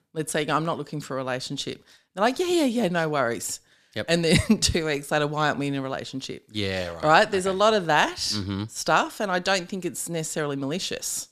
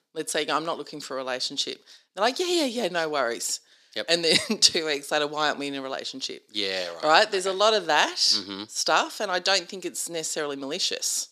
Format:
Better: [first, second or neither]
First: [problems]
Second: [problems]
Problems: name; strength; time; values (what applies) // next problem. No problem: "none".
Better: first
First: none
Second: thin; somewhat; fading below 350 Hz